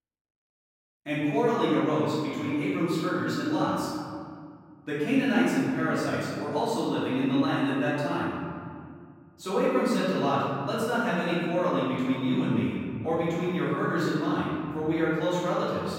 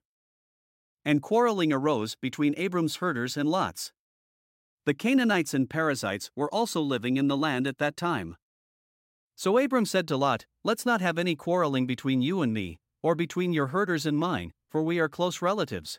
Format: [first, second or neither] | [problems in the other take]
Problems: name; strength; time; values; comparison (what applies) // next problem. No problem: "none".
second | off-mic speech; far // room echo; strong; dies away in 2.1 s